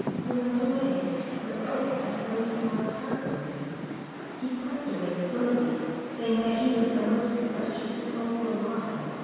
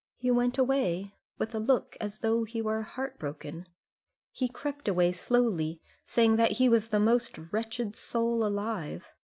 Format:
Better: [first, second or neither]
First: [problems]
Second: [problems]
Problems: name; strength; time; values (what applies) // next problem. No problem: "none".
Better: second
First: background sound (Rain); 7 dB below the speech // room echo; dies away in 2.1 s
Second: none